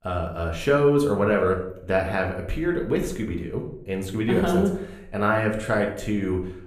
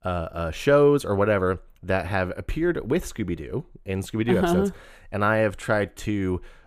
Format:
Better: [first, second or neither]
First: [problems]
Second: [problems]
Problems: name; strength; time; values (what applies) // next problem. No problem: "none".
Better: second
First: room echo; slight; dies away in 0.5 s // off-mic speech; somewhat distant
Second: none